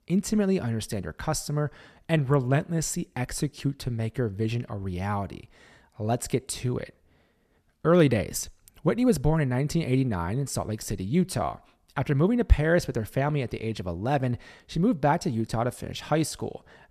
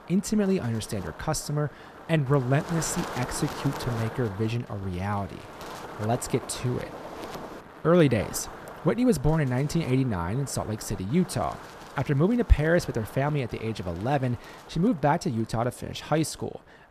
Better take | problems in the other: first | wind noise on the microphone; occasional gusts; 10 dB below the speech

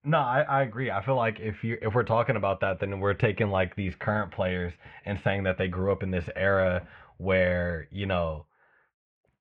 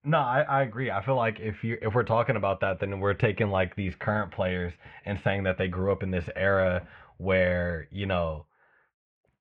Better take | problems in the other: neither | muffled; very; fading above 2.5 kHz; the same in both

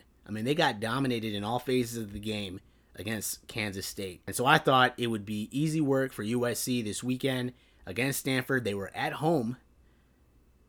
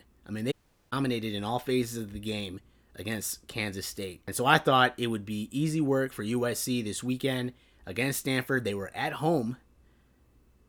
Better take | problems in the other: first | audio cutting out; at 0.5 s

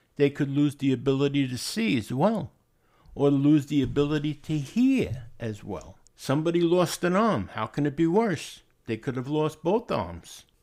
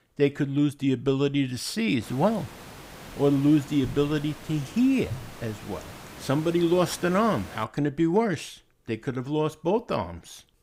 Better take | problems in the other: first | hiss; noticeable; from 2 to 7.5 s; 15 dB below the speech

